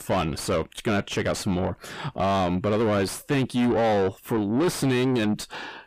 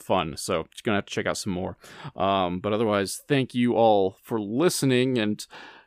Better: second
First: distortion; heavy; 6 dB below the speech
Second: none

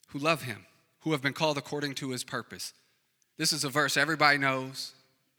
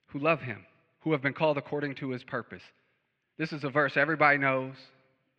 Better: first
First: none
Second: muffled; very; fading above 2.5 kHz

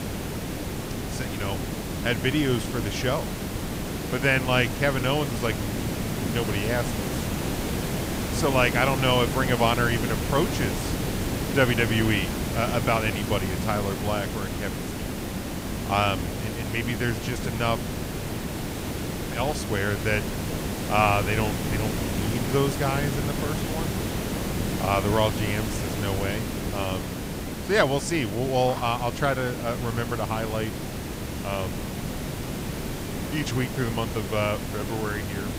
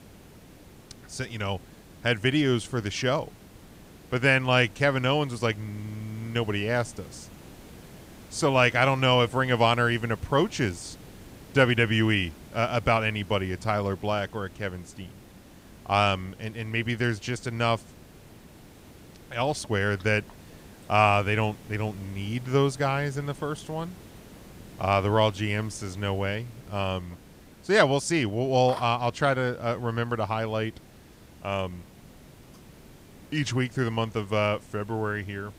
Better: second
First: hiss; loud; throughout; 3 dB below the speech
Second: hiss; faint; throughout; 20 dB below the speech

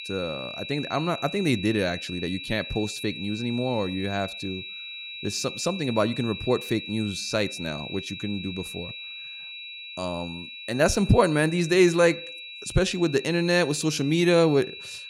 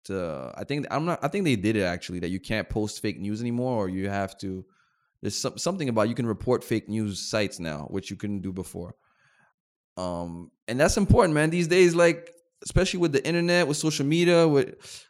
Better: second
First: high-pitched whine; noticeable; throughout; 4 kHz, 10 dB below the speech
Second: none

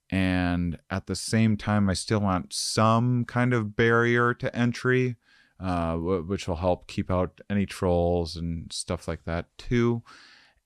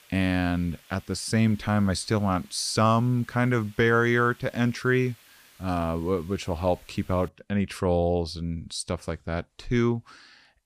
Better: first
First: none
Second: hiss; faint; until 7.5 s; 25 dB below the speech

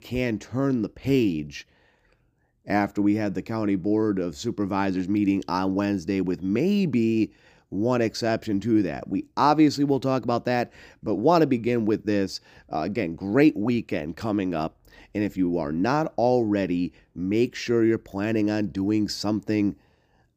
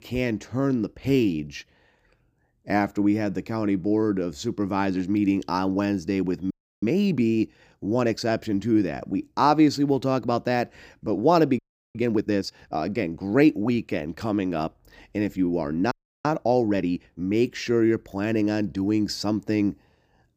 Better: first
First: none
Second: audio freezing; at 6.5 s, at 12 s and at 16 s

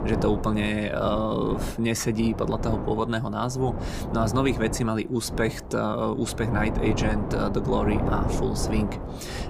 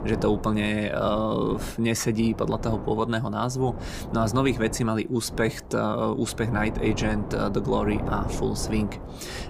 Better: second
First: wind noise on the microphone; heavy; 7 dB below the speech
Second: wind noise on the microphone; occasional gusts; 10 dB below the speech

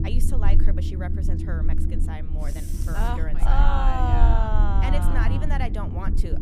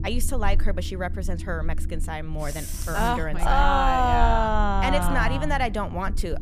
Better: second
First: low rumble; loud; throughout; 9 dB below the speech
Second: low rumble; faint; throughout; 20 dB below the speech

